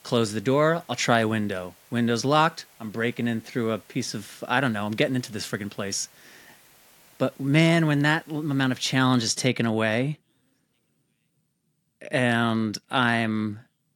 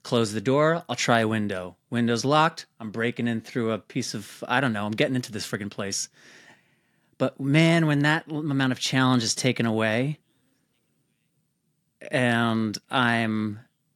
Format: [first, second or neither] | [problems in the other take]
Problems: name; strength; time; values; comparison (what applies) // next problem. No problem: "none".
second | hiss; faint; until 9 s; 30 dB below the speech